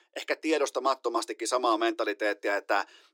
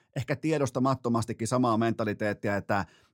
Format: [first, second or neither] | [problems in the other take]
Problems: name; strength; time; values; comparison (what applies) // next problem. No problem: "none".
second | thin; very; fading below 300 Hz